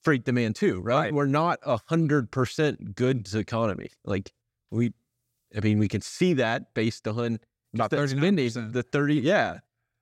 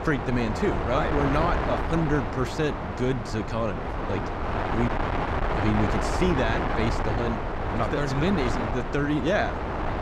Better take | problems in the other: first | wind noise on the microphone; heavy; as loud as the speech

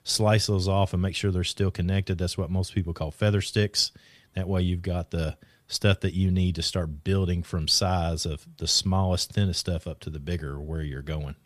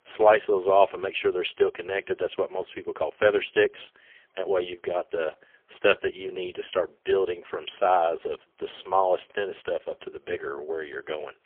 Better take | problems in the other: first | phone-call audio; poor line; nothing above 3.5 kHz

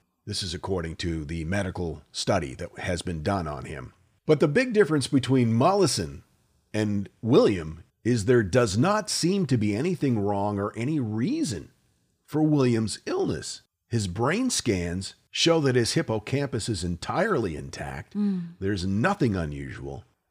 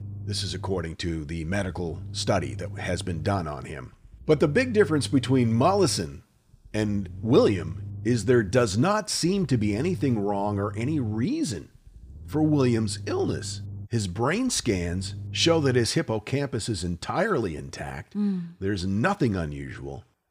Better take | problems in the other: first | low rumble; faint; until 16 s; 25 dB below the speech

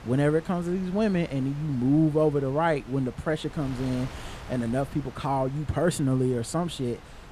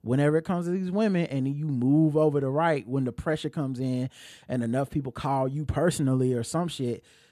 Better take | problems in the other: second | wind noise on the microphone; occasional gusts; 15 dB below the speech

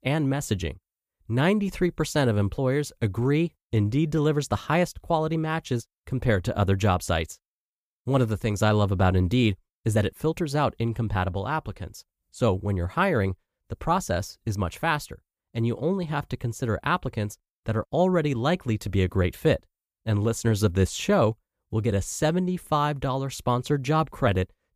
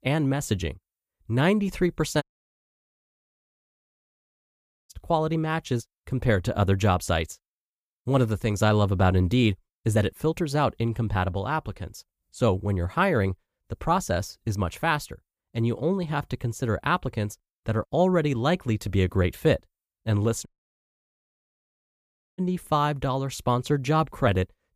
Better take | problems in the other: first | audio cutting out; at 2 s for 2.5 s and at 20 s for 2 s

